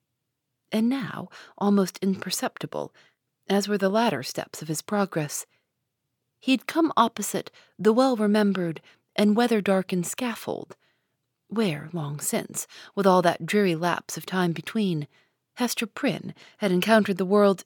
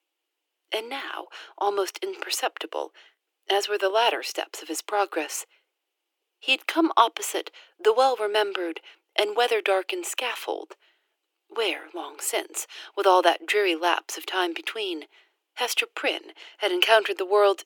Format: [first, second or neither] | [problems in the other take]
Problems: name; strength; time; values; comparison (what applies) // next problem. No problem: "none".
first | thin; very; fading below 300 Hz